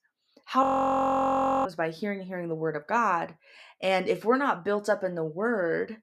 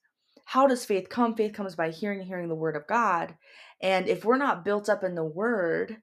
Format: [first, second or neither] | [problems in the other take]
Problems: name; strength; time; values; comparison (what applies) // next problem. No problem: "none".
second | audio freezing; at 0.5 s for 1 s